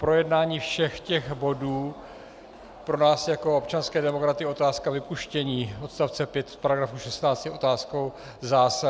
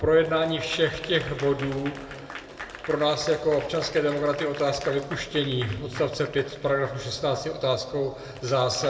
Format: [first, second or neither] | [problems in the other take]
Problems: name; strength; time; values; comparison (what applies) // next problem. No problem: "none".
first | background sound (Applause / Crowd); 16 dB below the speech // room echo; dies away in 2.1 s